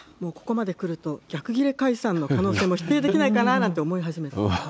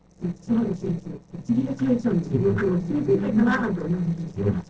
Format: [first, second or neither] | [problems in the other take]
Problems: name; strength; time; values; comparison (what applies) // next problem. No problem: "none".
first | noise reduction (neural separator model SepFormer DNS4)